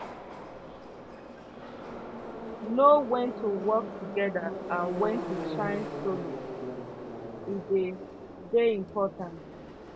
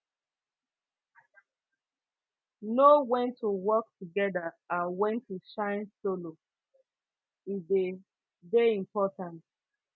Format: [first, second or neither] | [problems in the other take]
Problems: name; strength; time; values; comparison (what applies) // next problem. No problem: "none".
second | background sound (Subway, metro, underground); 8 dB below the speech